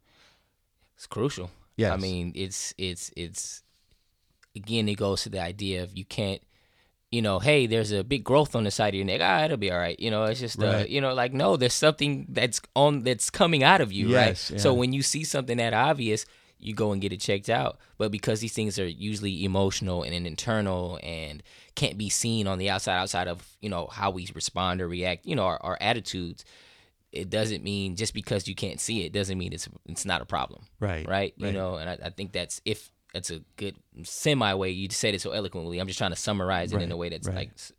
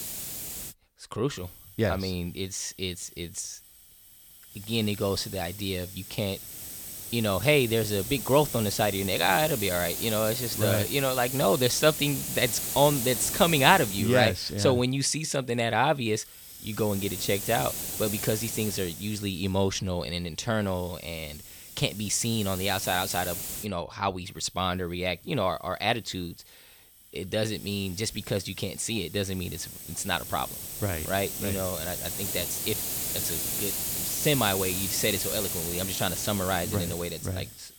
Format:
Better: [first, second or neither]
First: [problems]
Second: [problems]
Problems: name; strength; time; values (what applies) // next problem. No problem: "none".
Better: first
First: none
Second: hiss; loud; throughout; 4 dB below the speech